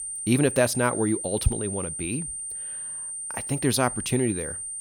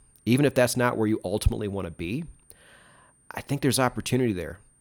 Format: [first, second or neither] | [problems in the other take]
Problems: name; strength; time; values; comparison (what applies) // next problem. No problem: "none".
second | high-pitched whine; loud; throughout; 9 kHz, 5 dB below the speech; faint in the second